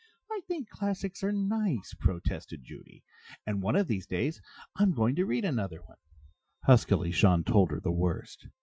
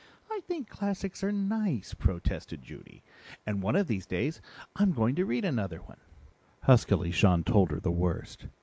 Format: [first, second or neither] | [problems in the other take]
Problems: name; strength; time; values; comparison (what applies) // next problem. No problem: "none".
second | noise reduction (classical method Wiener filter)